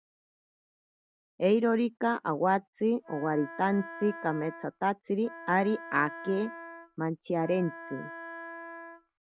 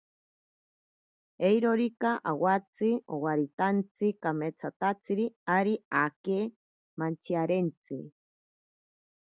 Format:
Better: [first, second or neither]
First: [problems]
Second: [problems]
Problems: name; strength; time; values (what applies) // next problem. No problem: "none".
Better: second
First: background sound (Wind instrument, woodwind instrument); 14 dB below the speech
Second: none